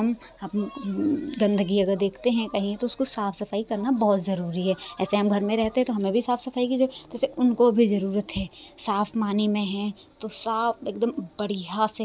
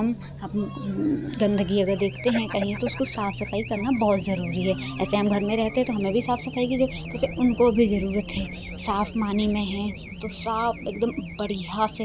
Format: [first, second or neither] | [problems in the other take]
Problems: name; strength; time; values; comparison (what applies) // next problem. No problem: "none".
first | background sound (Race car, auto racing / Alarm); 10 dB below the speech